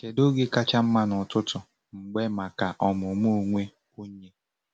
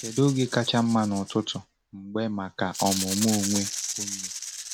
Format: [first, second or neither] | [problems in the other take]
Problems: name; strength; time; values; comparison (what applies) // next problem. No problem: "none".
first | background sound (Rattle (instrument)); 8 dB below the speech